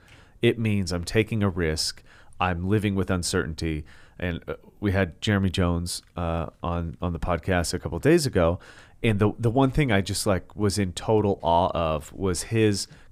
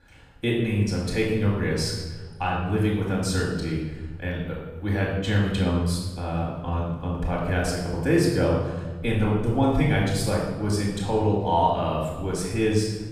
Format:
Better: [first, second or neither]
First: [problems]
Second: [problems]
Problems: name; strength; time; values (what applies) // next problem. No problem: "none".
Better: first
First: none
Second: off-mic speech; far // room echo; noticeable; dies away in 1.2 s